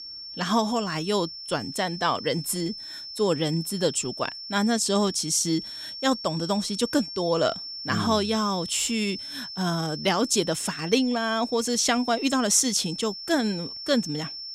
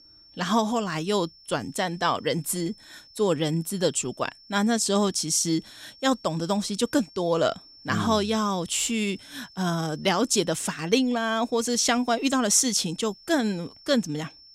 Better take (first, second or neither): second